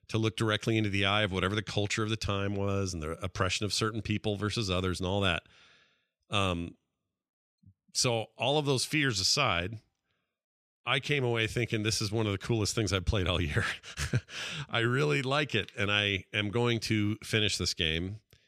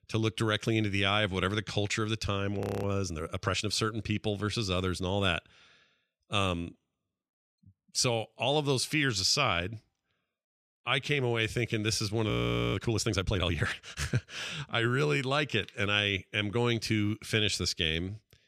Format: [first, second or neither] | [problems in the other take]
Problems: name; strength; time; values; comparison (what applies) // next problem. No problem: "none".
first | audio freezing; at 2.5 s and at 12 s